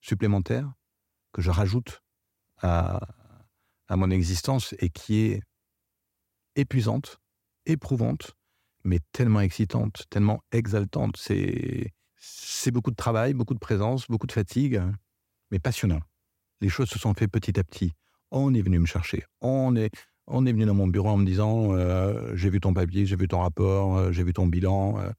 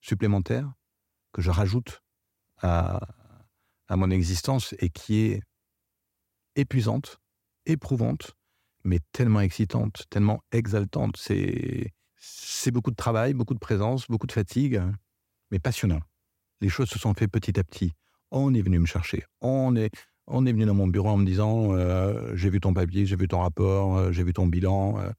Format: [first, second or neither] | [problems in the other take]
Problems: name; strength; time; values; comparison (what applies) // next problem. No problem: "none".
neither | none